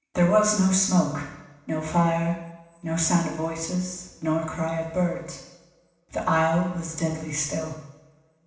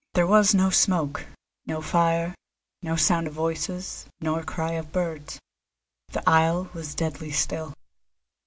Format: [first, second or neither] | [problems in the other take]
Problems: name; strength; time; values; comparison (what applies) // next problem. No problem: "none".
second | room echo; dies away in 0.9 s